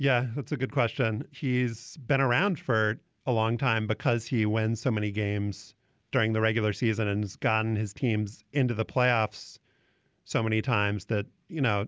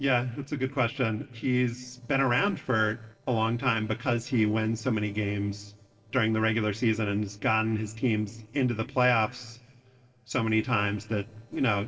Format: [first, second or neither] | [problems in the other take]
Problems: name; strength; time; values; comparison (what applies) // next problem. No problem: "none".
first | noise reduction (neural separator model SepFormer DNS4)